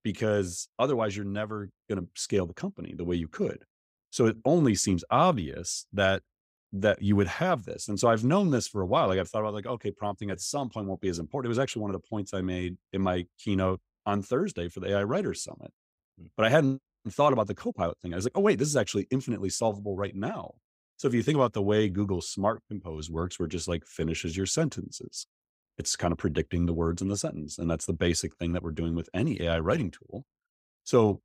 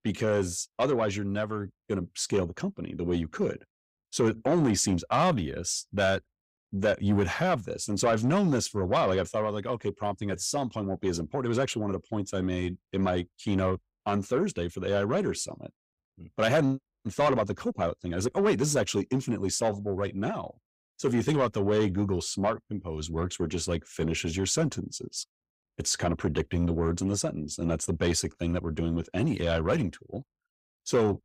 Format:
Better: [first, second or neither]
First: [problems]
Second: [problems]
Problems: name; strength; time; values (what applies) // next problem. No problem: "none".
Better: first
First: none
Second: distortion; slight; 10 dB below the speech